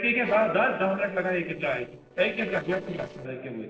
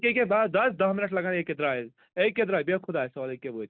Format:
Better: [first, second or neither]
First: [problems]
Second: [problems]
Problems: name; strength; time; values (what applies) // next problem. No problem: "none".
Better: second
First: noise reduction (neural separator model SepFormer DNS4)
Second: none